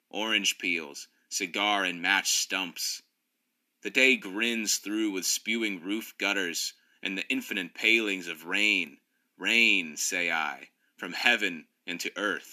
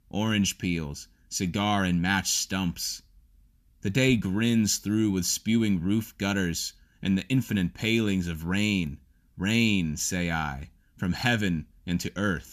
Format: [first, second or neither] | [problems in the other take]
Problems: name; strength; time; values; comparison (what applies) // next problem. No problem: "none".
second | thin; somewhat; fading below 300 Hz